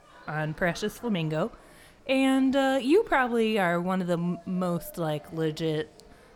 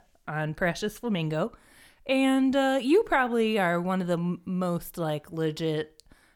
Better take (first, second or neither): second